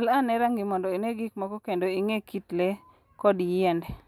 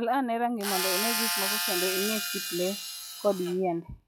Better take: first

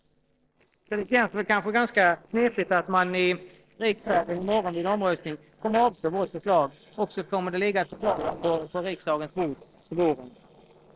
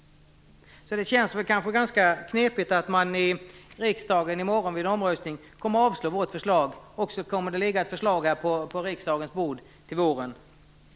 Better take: second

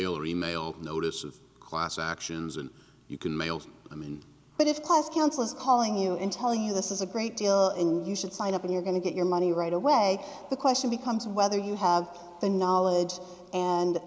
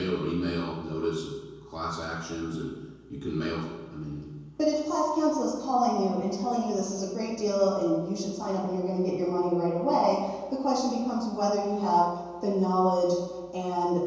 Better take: first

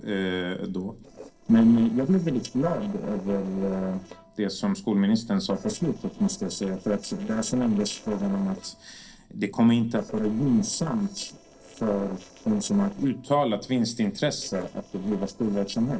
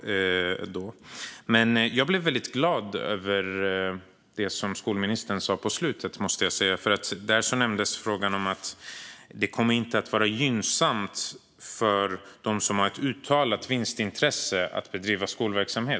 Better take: second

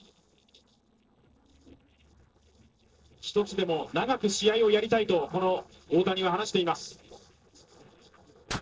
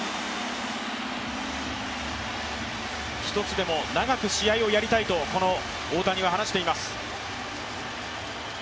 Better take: second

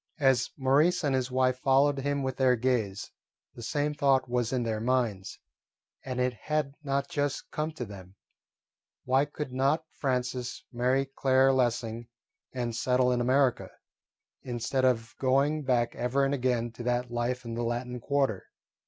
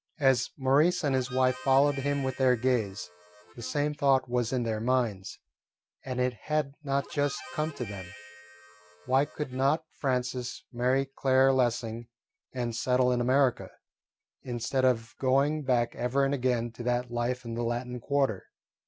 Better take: first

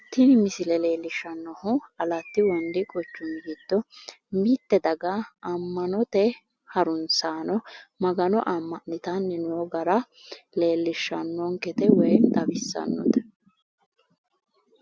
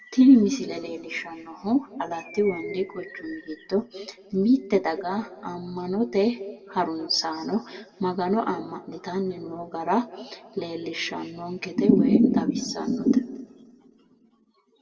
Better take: first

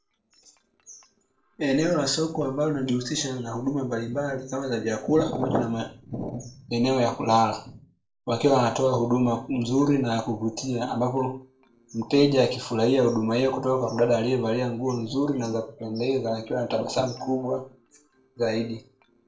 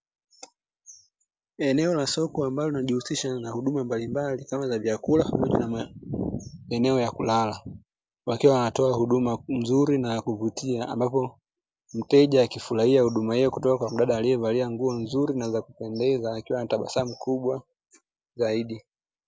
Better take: second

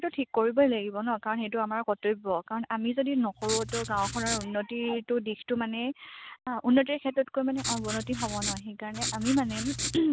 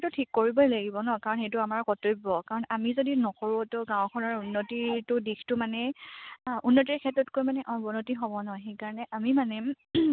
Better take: second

